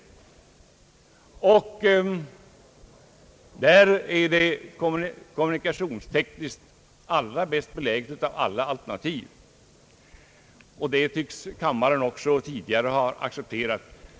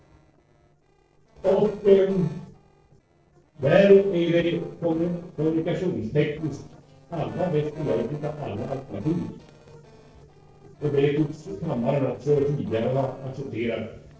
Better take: first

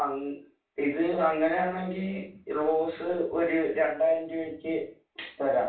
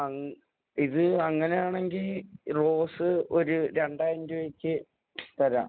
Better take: second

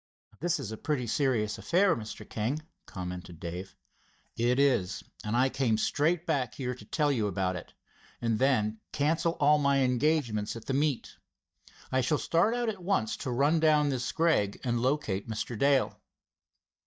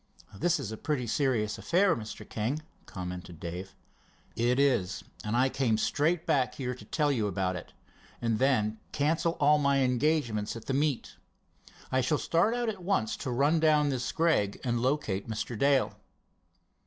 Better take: second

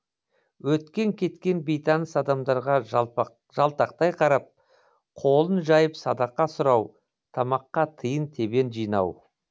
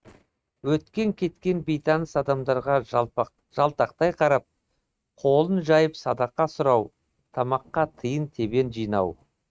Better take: first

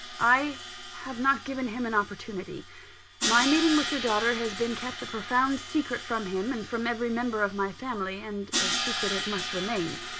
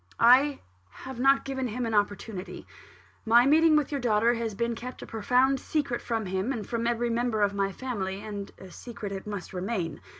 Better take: second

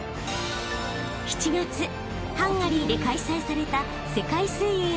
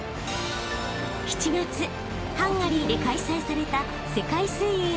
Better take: first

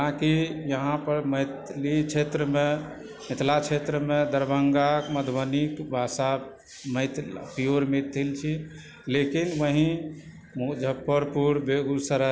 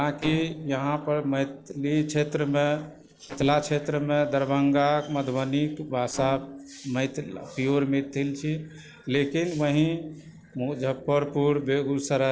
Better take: first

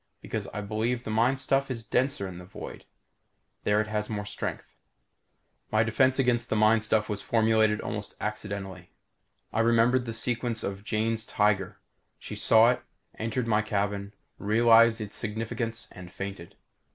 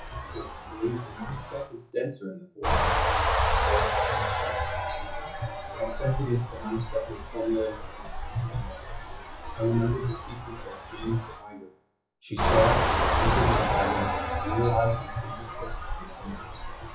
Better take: first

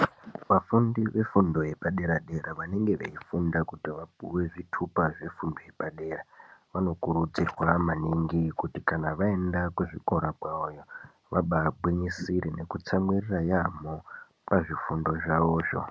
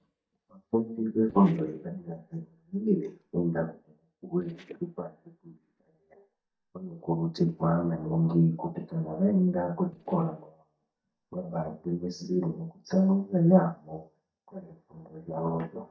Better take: first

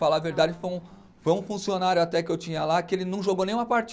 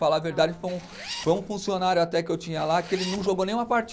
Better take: first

